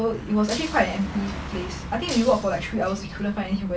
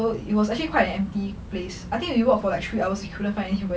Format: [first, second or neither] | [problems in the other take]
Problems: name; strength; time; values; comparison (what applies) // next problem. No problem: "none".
second | background sound (Shatter + Car passing by); 12 dB below the speech